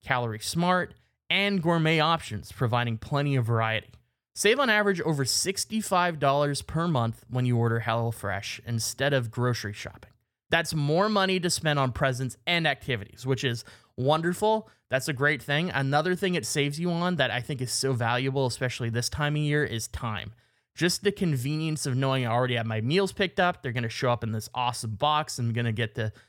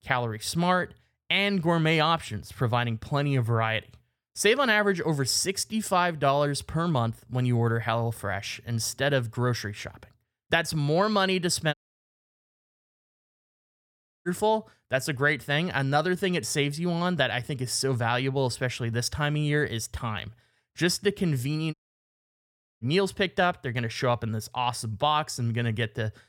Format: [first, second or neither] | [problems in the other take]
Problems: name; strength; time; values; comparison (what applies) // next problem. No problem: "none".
first | audio cutting out; at 12 s for 2.5 s and at 22 s for 1 s